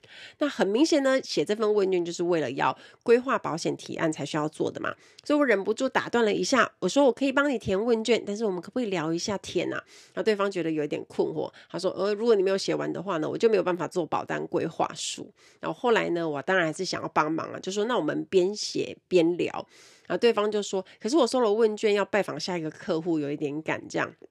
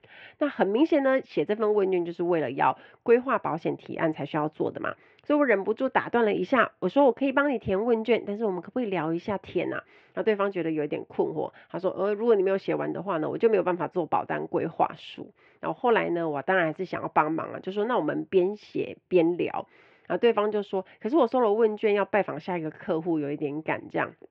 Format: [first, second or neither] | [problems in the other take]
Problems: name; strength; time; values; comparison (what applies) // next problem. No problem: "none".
first | muffled; very; fading above 2.5 kHz